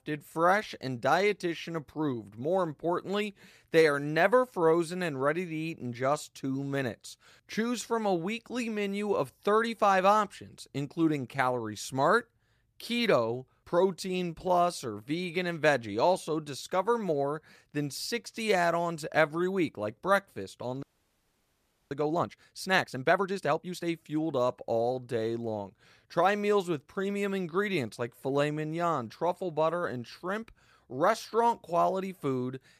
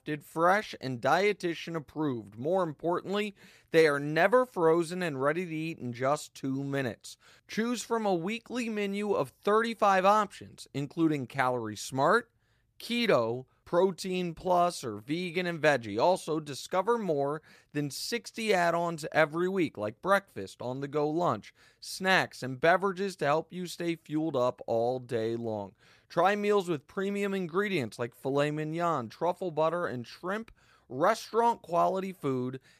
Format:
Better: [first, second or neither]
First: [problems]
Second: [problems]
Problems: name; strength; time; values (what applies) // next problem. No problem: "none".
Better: second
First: audio freezing; at 21 s for 1 s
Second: none